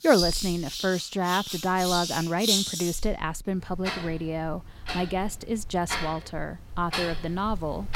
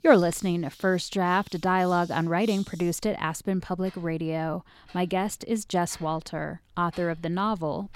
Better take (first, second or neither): second